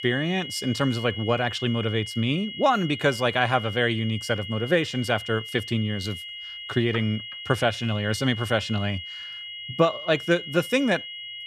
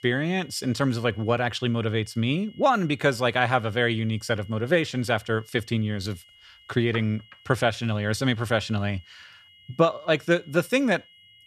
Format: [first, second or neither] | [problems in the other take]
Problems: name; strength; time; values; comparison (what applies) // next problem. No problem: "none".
second | high-pitched whine; loud; throughout; 3 kHz, 9 dB below the speech; faint in the second